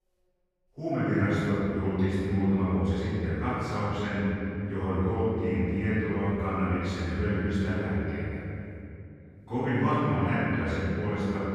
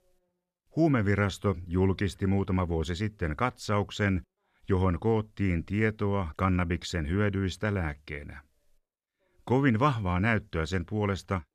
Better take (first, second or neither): second